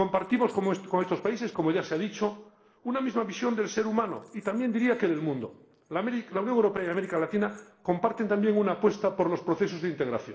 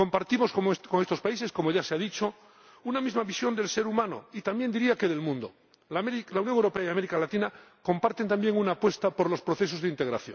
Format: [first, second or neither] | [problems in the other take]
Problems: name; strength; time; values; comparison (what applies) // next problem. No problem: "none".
second | noise reduction (neural separator model SepFormer DNS4)